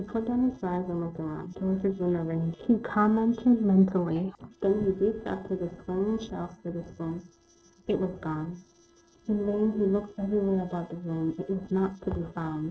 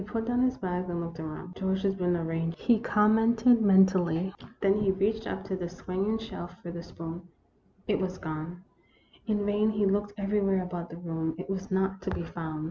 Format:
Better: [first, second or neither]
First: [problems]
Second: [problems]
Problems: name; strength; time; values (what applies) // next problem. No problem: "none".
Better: second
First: noise reduction (neural separator model SepFormer DNS4)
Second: none